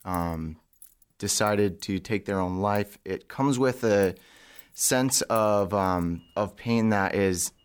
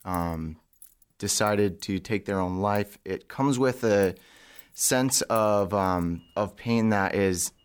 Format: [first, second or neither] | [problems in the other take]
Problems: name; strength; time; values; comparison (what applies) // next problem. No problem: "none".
neither | household noises; faint; throughout; 25 dB below the speech; the same in both